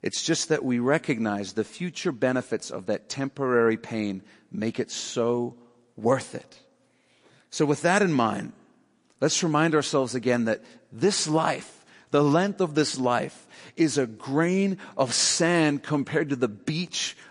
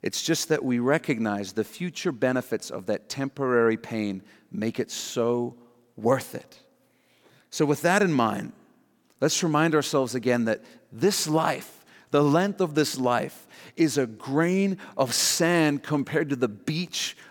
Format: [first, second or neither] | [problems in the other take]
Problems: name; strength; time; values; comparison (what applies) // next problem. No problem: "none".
second | garbled, watery; slightly; nothing above 10.5 kHz